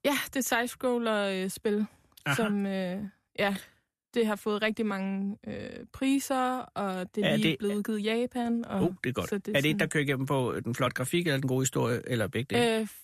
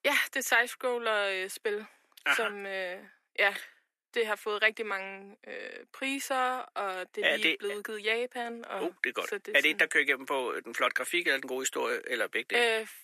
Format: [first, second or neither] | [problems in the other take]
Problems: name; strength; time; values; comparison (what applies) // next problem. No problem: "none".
first | thin; very; fading below 350 Hz